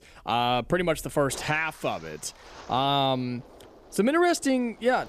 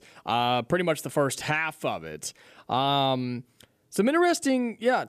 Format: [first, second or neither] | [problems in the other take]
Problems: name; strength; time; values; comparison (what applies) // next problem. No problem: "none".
second | wind noise on the microphone; occasional gusts; 20 dB below the speech